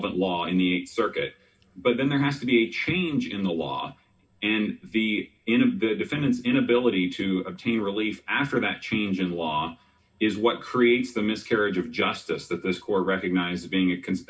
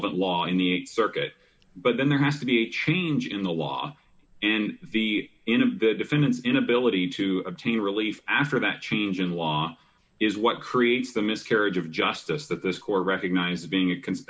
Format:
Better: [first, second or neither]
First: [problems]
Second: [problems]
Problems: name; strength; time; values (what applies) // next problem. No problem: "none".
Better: second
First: room echo; dies away in 0.4 s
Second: none